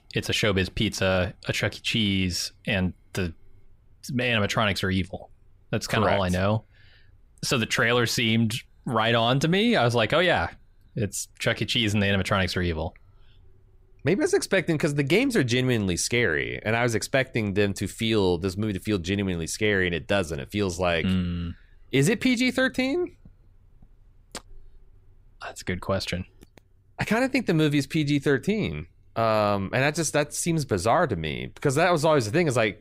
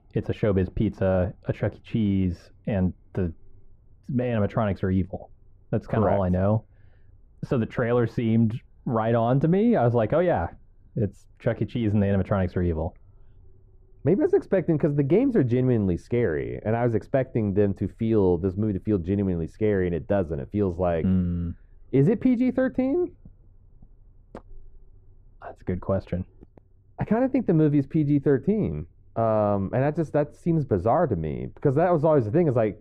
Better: first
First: none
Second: muffled; very; fading above 2 kHz

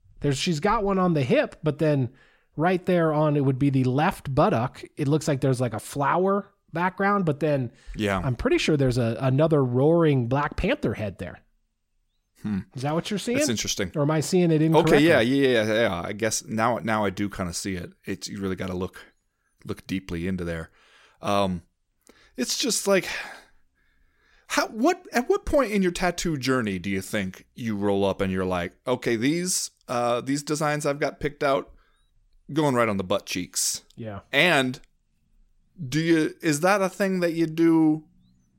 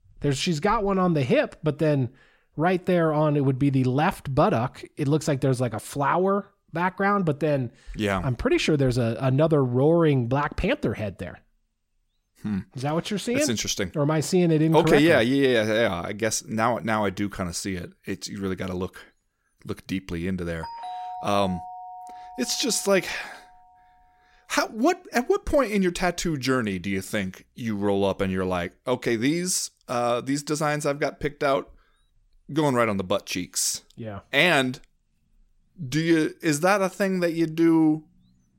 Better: first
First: none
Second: doorbell; faint; from 21 to 23 s; peak 10 dB below the speech

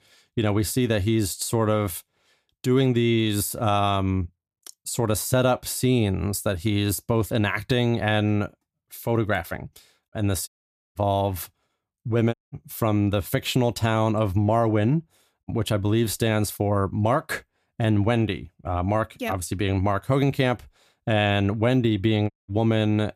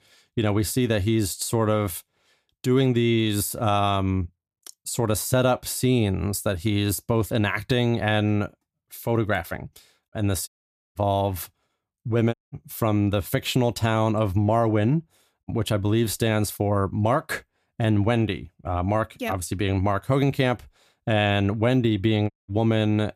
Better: neither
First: audio cutting out; at 10 s, at 12 s and at 22 s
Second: audio cutting out; at 10 s, at 12 s and at 22 s

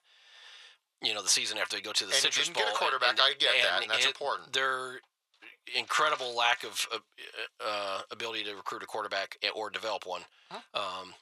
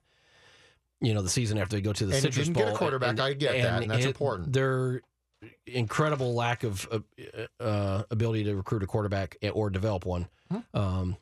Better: second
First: thin; very; fading below 950 Hz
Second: none

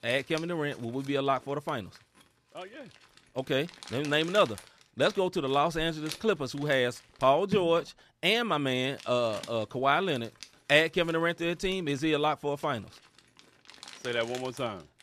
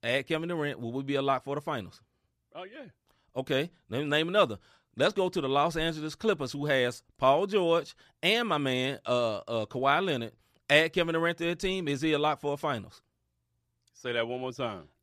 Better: second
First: household noises; noticeable; throughout; 20 dB below the speech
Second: none

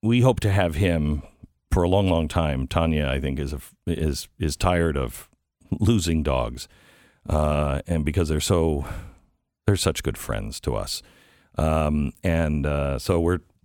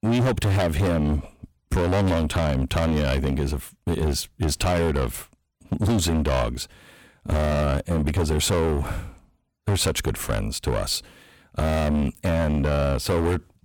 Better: first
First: none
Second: distortion; heavy; 19% of the sound clipped

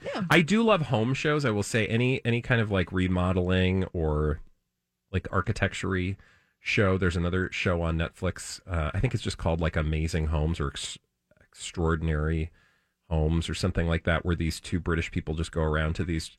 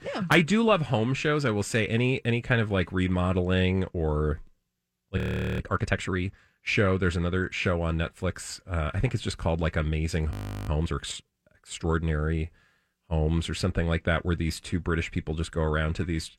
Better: first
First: none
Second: audio freezing; at 5 s and at 10 s

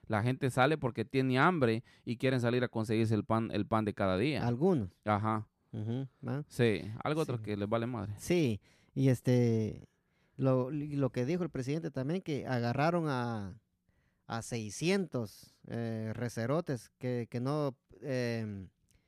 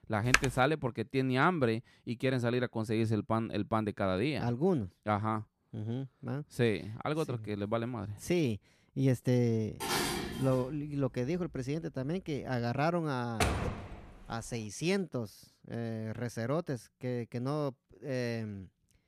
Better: first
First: none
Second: keyboard typing; loud; at 0.5 s; peak 5 dB above the speech // clattering dishes; loud; at 10 s; peak 2 dB above the speech // door banging; loud; at 13 s; peak 2 dB above the speech

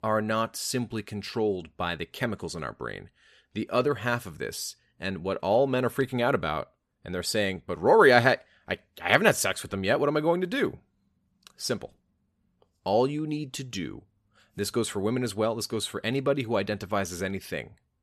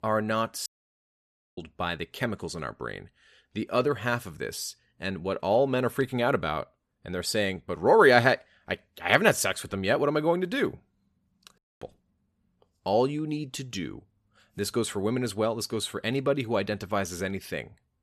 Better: first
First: none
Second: audio cutting out; at 0.5 s for 1 s and at 12 s

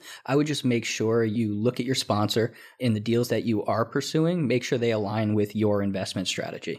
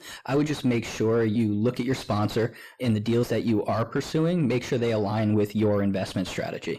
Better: first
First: none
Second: distortion; slight; 10 dB below the speech

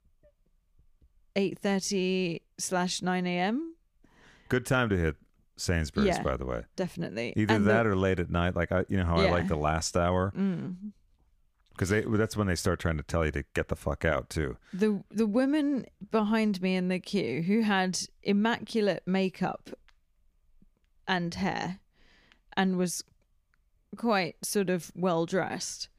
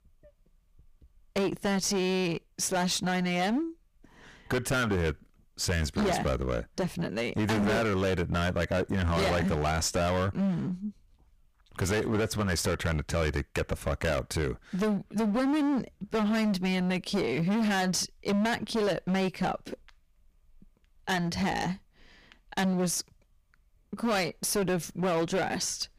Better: first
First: none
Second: distortion; heavy; 19% of the sound clipped

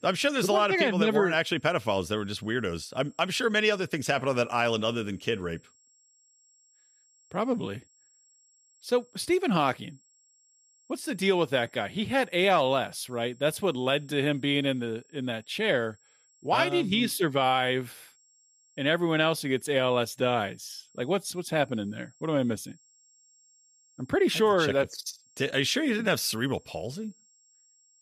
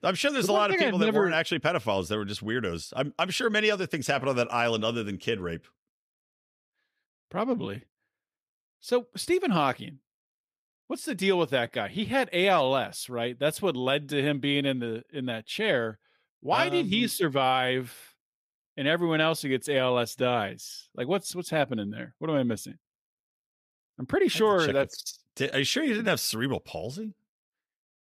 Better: second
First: high-pitched whine; faint; throughout; 7.5 kHz, 35 dB below the speech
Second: none

